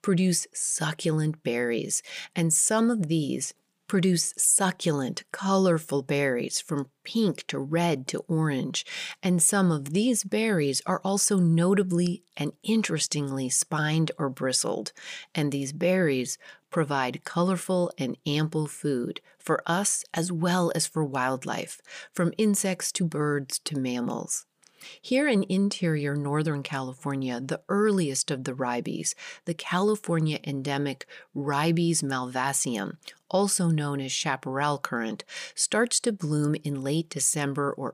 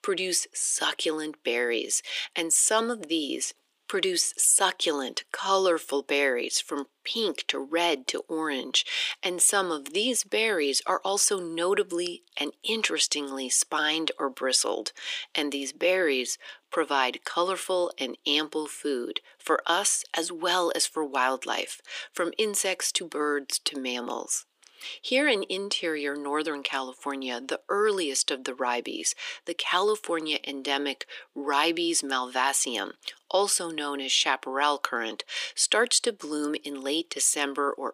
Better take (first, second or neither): first